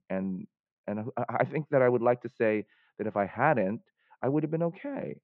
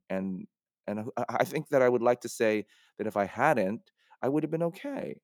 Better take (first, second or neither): second